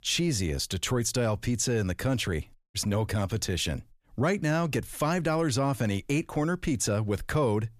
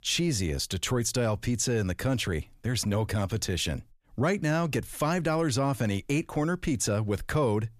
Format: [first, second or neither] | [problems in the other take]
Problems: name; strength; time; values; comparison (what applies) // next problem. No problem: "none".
second | audio cutting out; at 2.5 s